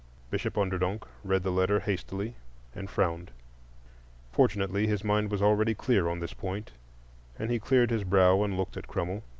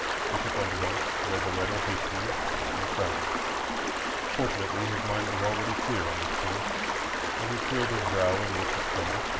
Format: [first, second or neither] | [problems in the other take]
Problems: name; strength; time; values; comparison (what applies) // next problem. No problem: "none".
first | background sound (Stream); 4 dB above the speech // room echo; dies away in 1.3 s